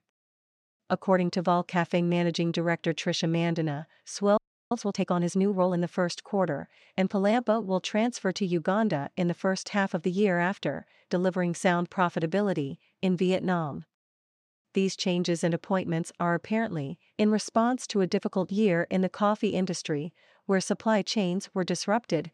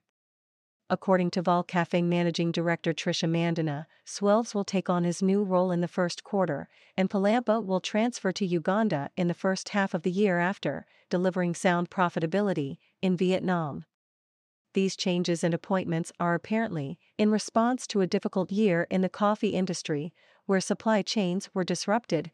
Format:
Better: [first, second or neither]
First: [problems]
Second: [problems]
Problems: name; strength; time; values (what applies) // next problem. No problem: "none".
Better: second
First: audio freezing; at 4.5 s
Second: none